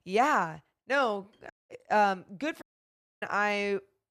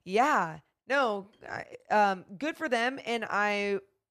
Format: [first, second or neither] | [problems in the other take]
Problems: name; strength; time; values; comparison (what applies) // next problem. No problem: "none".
second | audio cutting out; at 1.5 s and at 2.5 s for 0.5 s